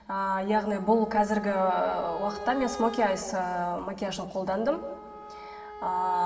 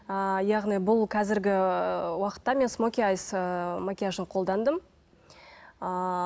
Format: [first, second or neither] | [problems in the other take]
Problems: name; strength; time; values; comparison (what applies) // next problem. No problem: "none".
second | background sound (Wind instrument, woodwind instrument); 14 dB below the speech // room echo; dies away in 1.7 s